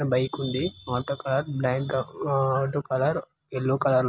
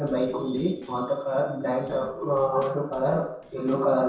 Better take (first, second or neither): first